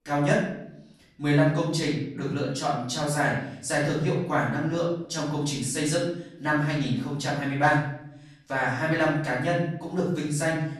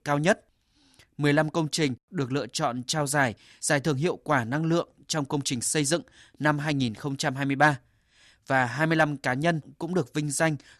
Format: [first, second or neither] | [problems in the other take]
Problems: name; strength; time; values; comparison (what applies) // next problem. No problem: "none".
second | off-mic speech; far // room echo; noticeable; dies away in 0.6 s